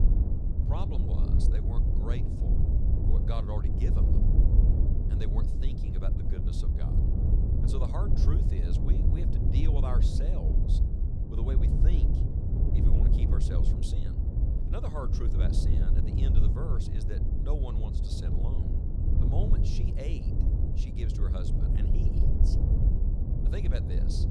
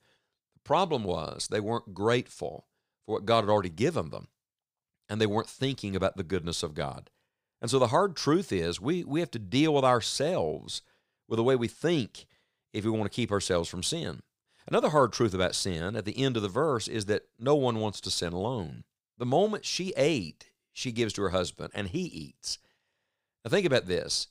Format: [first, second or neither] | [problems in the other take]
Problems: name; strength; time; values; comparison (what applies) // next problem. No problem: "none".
second | wind noise on the microphone; heavy; 1 dB above the speech